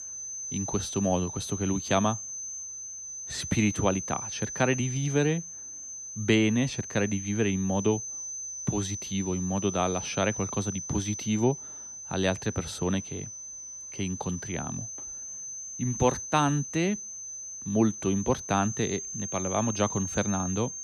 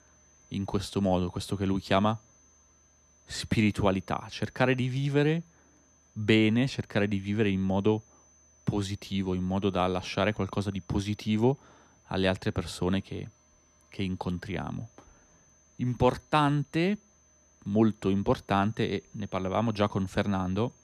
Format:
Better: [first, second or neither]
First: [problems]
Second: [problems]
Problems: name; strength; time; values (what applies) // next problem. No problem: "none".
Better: second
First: high-pitched whine; loud; throughout; 6 kHz, 6 dB below the speech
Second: high-pitched whine; faint; throughout; 6 kHz, 30 dB below the speech